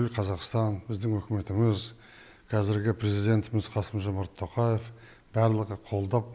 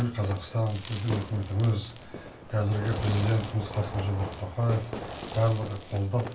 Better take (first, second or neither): first